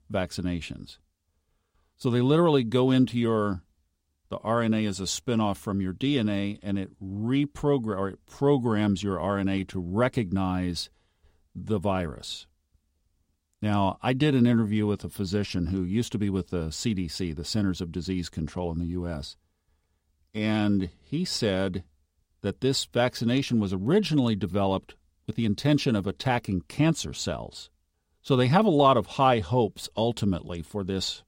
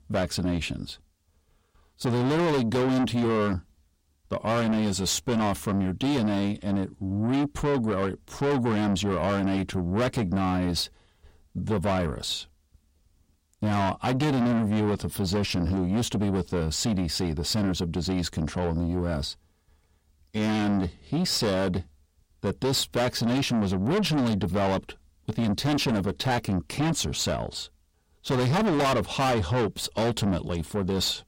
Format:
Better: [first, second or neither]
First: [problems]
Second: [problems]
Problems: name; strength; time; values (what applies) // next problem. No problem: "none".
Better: first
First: none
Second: distortion; heavy; 6 dB below the speech